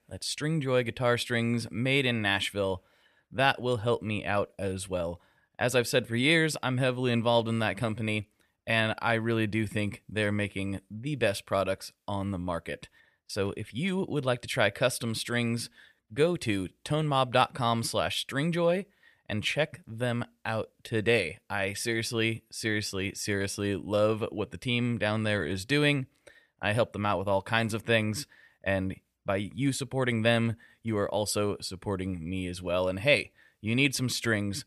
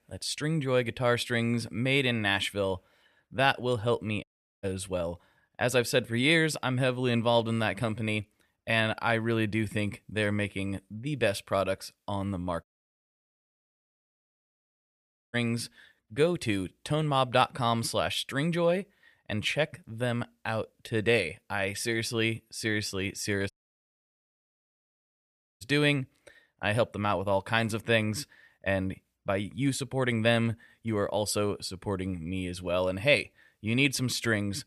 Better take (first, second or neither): first